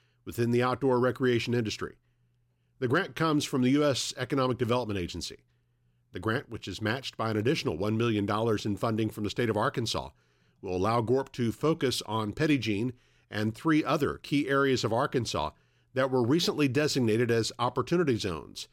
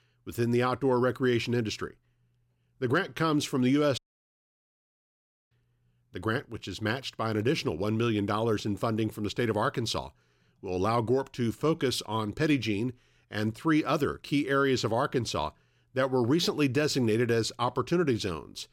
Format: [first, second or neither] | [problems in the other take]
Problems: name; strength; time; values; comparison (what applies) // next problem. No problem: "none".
first | audio cutting out; at 4 s for 1.5 s